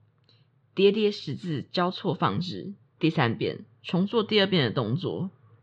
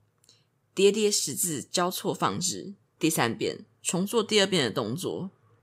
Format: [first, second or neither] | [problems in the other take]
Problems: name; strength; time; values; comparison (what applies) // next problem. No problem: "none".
second | muffled; slightly; fading above 4 kHz